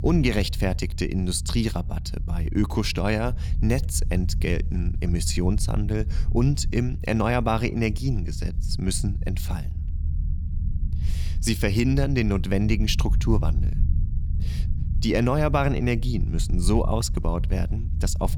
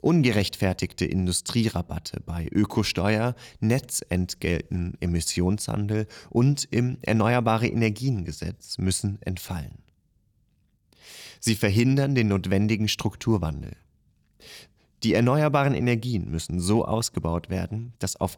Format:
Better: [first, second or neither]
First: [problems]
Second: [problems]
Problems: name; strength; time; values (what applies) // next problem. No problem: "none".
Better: second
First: low rumble; noticeable; throughout; 15 dB below the speech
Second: none